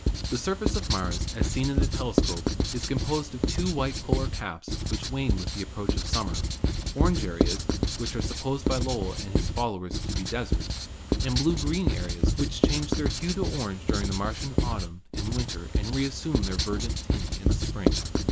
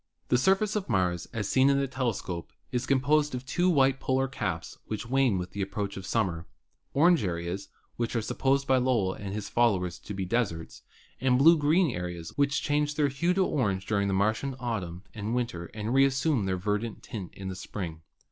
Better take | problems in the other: second | background sound (Writing); 4 dB above the speech

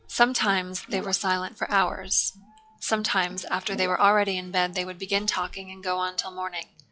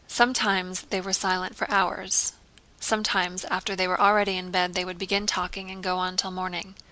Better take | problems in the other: second | noise reduction (classical method log-MMSE)

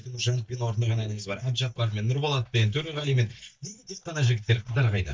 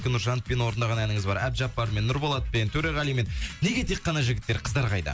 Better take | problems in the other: second | noise reduction (neural mask model DeepFilterNet 3)

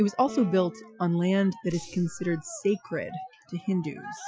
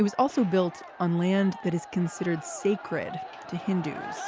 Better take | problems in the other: second | noise reduction (classical method Wiener filter)

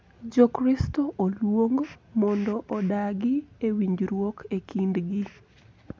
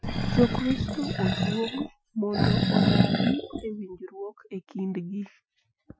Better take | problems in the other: first | noise reduction (classical method Wiener filter)

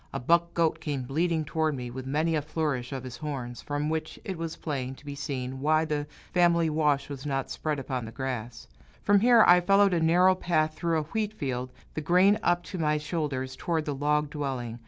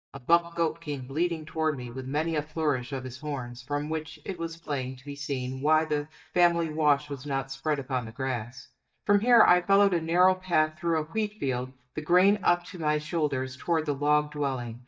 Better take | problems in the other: first | noise reduction (neural mask model DeepFilterNet 3)

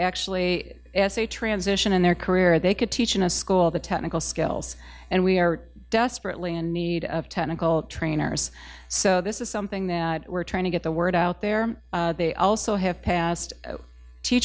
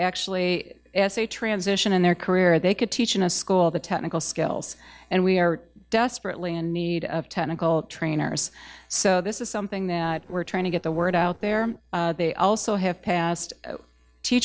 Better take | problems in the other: first | noise reduction (neural separator model SepFormer DNS4)

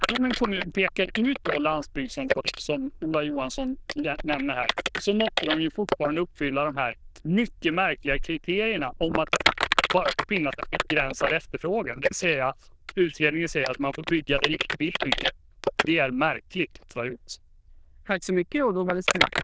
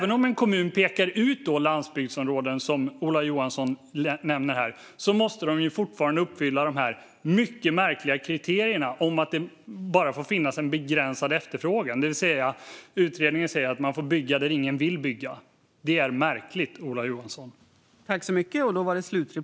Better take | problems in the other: second | noise reduction (neural diffusion model UNIVERSE++)

